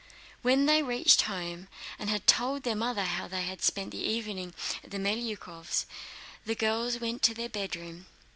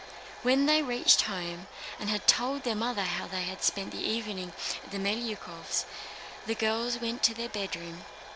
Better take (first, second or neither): first